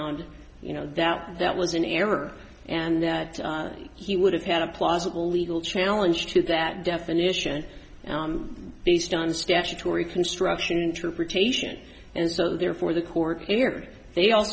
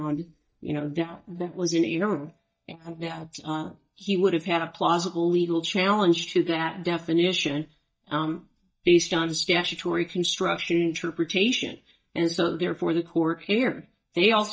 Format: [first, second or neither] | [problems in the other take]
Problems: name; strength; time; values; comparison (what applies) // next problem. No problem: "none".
first | noise reduction (neural mask model DeepFilterNet 3)